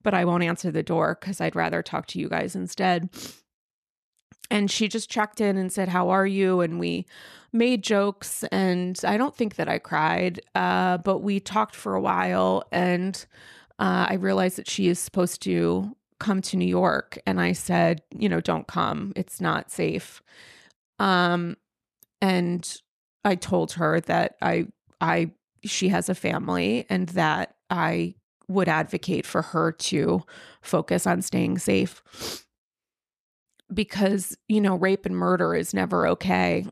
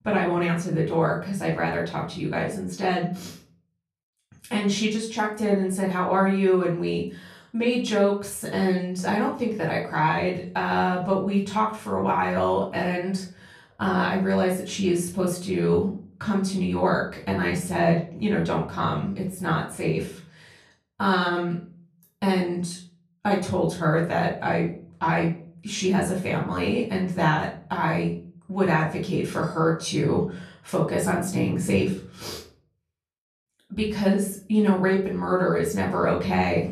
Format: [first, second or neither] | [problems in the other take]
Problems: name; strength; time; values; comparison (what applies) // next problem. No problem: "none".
first | off-mic speech; far // room echo; slight; dies away in 0.4 s